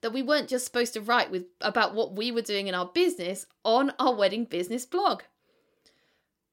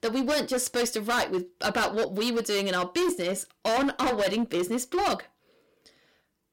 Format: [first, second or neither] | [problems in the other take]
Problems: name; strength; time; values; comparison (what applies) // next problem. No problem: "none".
first | distortion; heavy; 17% of the sound clipped